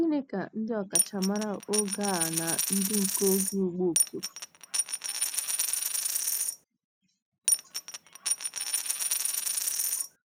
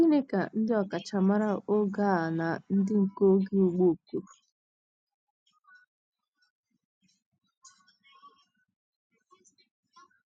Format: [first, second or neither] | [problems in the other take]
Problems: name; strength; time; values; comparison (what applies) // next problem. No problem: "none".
second | background sound (Coin (dropping)); 3 dB above the speech